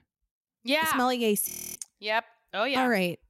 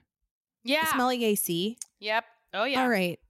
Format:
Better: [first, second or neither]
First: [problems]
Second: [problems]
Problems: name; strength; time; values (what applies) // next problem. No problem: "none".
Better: second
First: audio freezing; at 1.5 s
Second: none